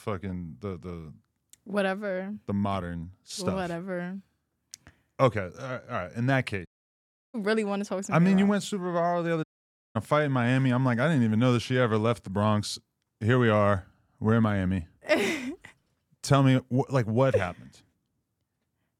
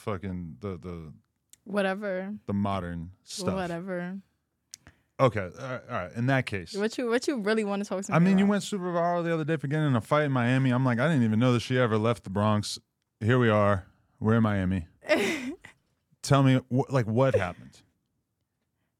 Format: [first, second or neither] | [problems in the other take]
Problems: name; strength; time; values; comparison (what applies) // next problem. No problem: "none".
second | audio cutting out; at 6.5 s for 0.5 s and at 9.5 s for 0.5 s